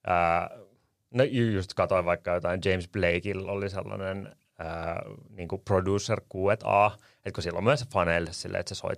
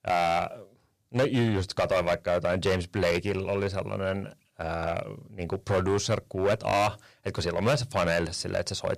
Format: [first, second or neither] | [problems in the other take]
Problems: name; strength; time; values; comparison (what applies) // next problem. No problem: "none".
first | distortion; heavy; 8% of the sound clipped